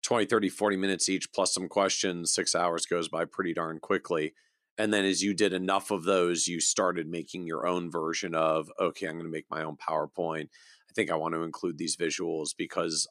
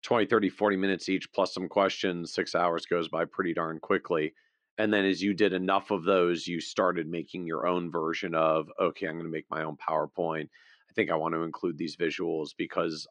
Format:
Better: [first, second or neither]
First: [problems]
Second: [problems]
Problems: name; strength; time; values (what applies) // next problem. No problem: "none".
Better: first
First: none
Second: muffled; slightly; fading above 3.5 kHz